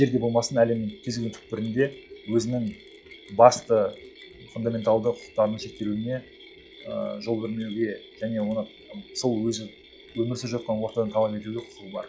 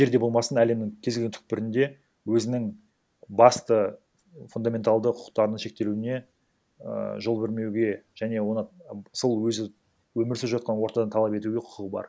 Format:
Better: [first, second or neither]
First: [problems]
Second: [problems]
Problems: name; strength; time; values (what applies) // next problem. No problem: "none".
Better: second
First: noise reduction (classical method log-MMSE)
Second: none